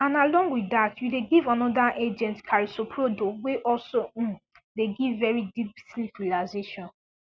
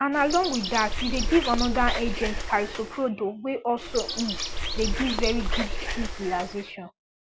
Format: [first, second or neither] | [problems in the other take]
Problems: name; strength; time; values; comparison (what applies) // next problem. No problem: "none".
first | background sound (Bird); 2 dB below the speech